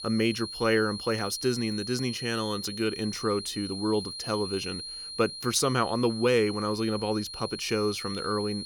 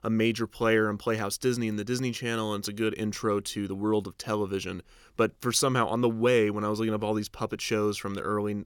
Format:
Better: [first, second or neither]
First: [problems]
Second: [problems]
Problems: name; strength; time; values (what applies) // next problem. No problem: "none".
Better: second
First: high-pitched whine; loud; throughout; 4 kHz, 8 dB below the speech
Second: none